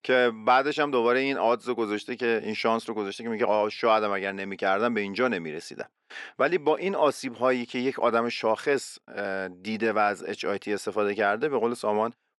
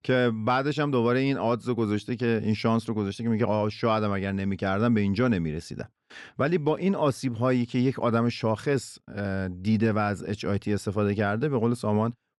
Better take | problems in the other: second | thin; somewhat; fading below 400 Hz

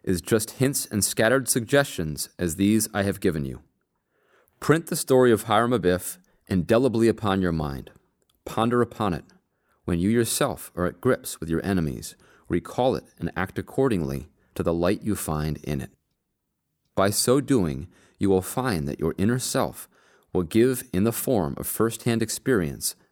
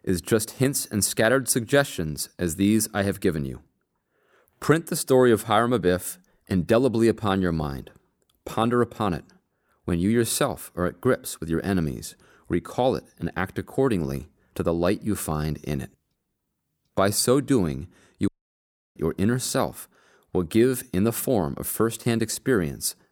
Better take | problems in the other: first | audio cutting out; at 18 s for 0.5 s

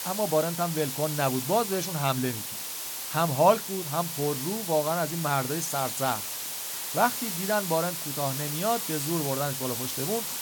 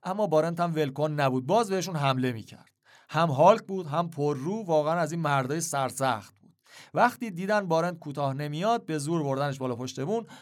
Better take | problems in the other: second | hiss; loud; throughout; 3 dB below the speech

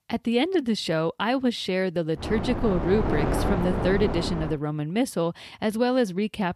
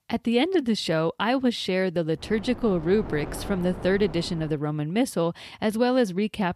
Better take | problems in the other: second | wind noise on the microphone; heavy; from 2 to 4.5 s; 4 dB below the speech; occasional gusts in the second

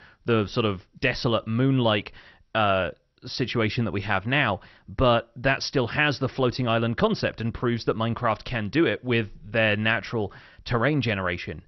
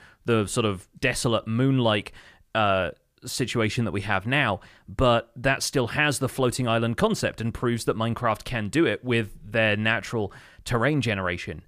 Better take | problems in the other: second | garbled, watery; slightly; nothing above 6 kHz

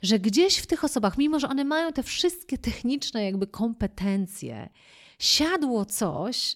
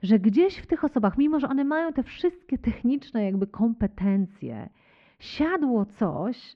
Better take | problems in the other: first | muffled; very; fading above 2 kHz

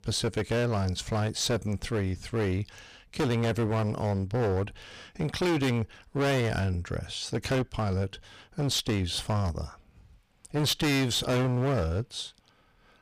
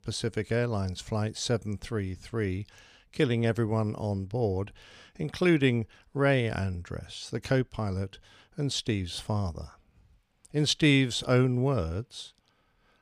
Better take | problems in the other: second | distortion; heavy; 17% of the sound clipped

